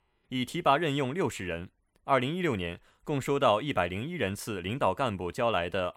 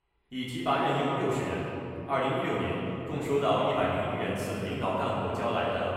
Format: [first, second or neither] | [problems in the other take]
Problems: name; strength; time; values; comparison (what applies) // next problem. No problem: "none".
first | off-mic speech; far // room echo; strong; dies away in 2.6 s